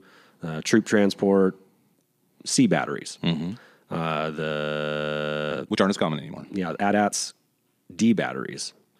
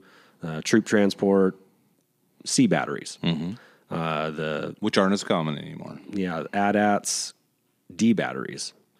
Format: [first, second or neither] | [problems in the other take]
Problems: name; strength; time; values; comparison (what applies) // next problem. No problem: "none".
second | audio freezing; at 4.5 s for 1 s